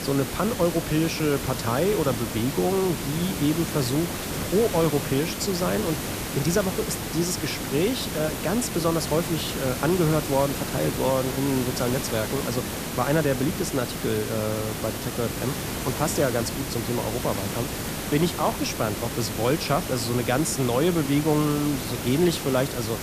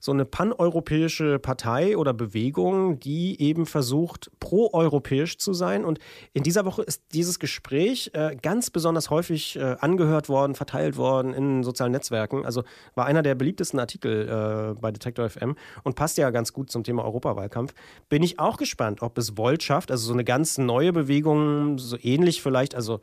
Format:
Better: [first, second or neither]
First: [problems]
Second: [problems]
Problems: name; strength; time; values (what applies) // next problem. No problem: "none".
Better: second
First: hiss; loud; throughout; 4 dB below the speech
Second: none